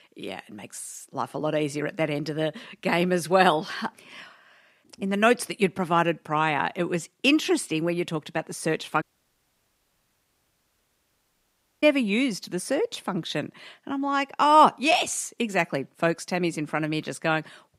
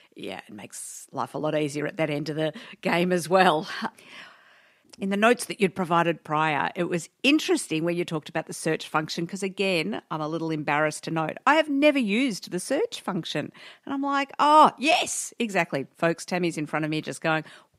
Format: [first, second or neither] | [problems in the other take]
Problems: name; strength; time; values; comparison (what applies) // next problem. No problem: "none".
second | audio cutting out; at 9 s for 3 s